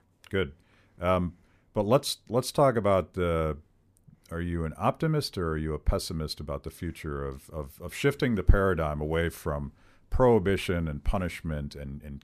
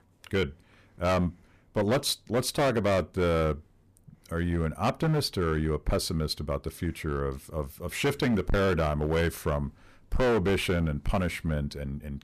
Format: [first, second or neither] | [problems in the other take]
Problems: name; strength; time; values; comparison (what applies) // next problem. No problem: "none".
first | distortion; heavy; 10% of the sound clipped